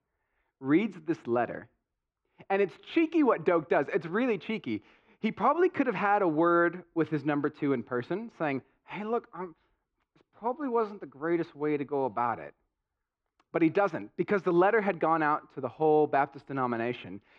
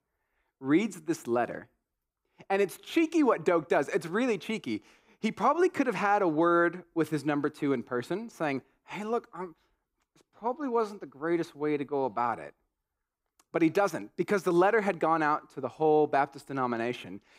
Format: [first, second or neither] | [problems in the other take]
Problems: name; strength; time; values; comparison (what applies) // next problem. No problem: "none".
second | muffled; slightly; fading above 3.5 kHz